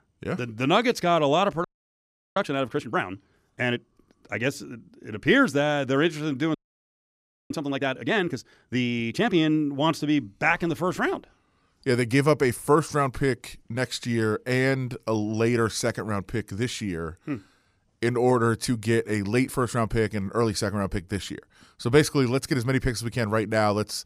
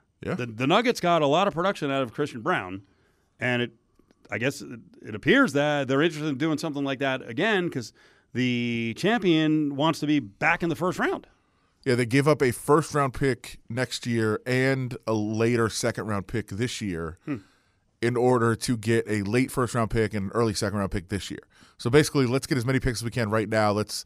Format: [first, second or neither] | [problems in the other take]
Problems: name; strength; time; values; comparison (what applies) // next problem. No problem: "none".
second | audio freezing; at 1.5 s for 0.5 s and at 6.5 s for 1 s